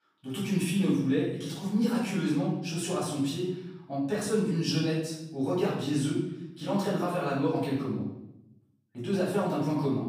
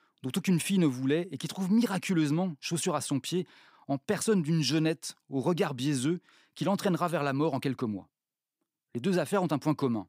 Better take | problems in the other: second | off-mic speech; far // room echo; noticeable; dies away in 0.7 s

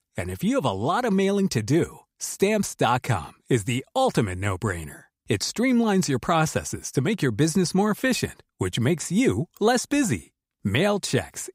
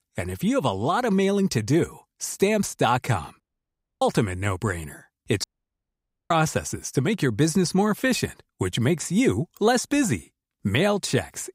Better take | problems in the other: first | audio cutting out; at 3.5 s for 0.5 s and at 5.5 s for 1 s

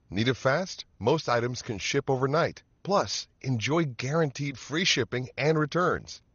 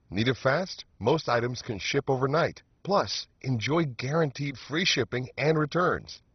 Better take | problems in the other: first | garbled, watery; badly; nothing above 6 kHz; slightly in the first

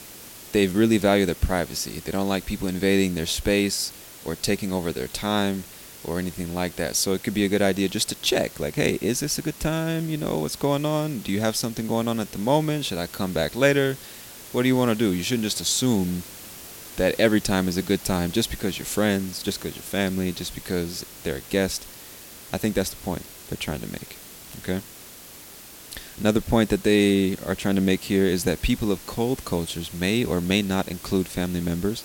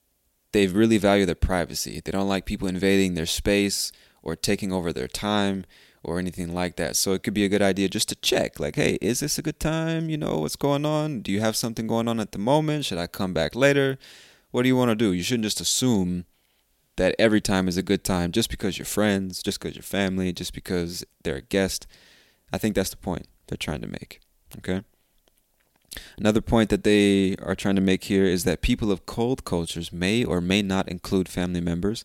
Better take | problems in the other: second | hiss; noticeable; throughout; 15 dB below the speech

